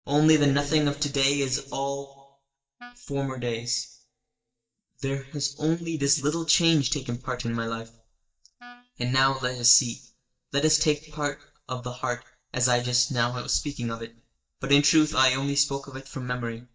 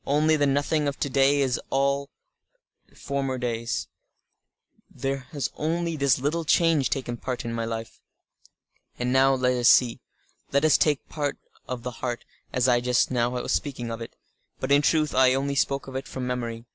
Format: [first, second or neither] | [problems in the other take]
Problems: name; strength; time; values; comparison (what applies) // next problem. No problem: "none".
second | noise reduction (neural mask model DeepFilterNet 3)